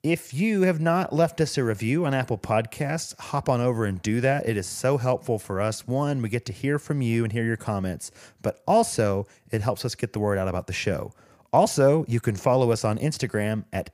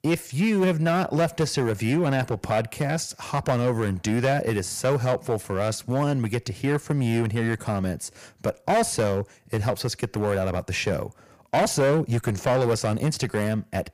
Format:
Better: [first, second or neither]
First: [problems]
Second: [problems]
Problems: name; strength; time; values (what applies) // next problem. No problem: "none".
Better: first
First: none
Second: distortion; slight; 8% of the sound clipped